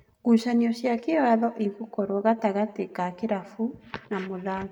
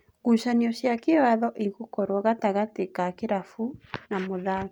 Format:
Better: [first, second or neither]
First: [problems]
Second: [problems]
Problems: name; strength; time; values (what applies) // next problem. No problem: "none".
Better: second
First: room echo; dies away in 0.9 s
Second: none